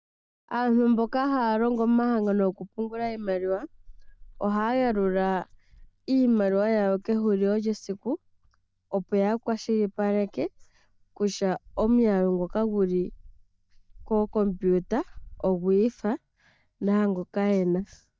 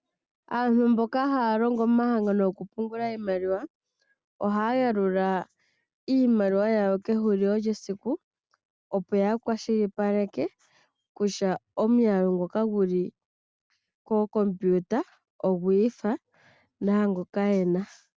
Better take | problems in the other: second | noise reduction (neural mask model DeepFilterNet 3)

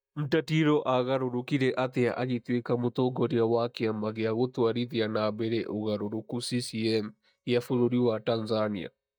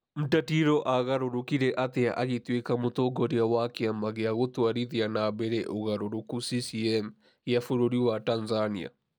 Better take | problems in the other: second | noise reduction (neural mask model DeepFilterNet 3)

